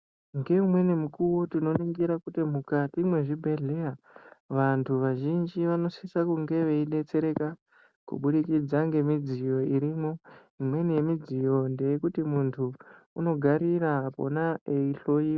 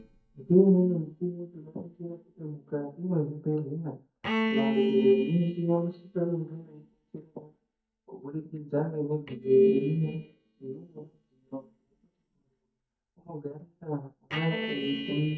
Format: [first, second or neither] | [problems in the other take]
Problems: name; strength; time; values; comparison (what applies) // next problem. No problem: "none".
first | noise reduction (neural mask model DeepFilterNet 3)